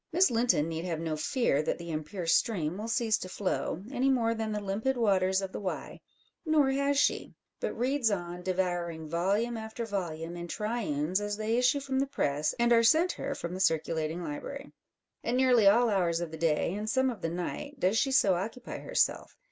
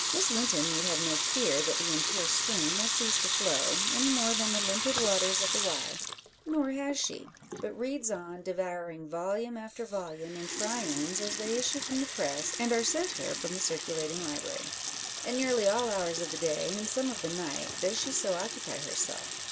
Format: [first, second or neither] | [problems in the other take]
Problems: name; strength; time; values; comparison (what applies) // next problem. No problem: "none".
first | background sound (Sink (filling or washing) / Water tap, faucet / Liquid); as loud as the speech